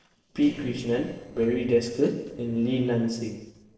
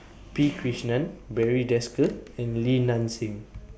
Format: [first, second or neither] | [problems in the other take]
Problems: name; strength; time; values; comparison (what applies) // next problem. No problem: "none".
second | noise reduction (neural separator model SepFormer DNS4)